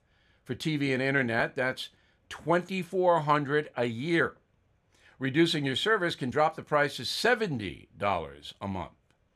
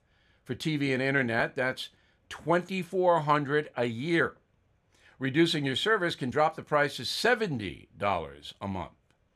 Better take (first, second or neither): neither